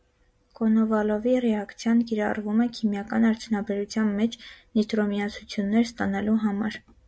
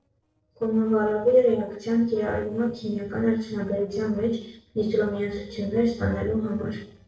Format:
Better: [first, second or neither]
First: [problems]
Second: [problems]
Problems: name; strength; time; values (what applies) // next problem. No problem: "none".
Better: first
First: none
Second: noise reduction (neural separator model SepFormer DNS4)